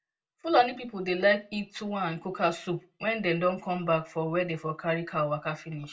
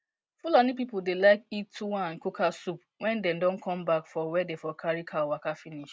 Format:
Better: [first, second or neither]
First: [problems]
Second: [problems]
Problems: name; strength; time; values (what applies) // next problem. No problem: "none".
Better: second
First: room echo; dies away in 0.2 s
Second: none